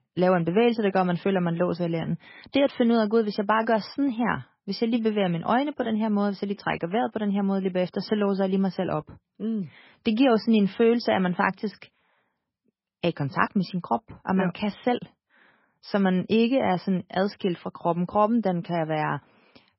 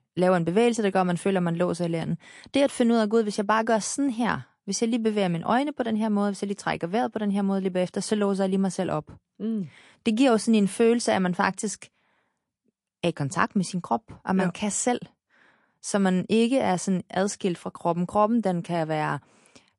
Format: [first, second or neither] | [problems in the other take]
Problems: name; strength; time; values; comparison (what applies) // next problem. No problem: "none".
second | garbled, watery; badly; nothing above 5.5 kHz; slightly in the second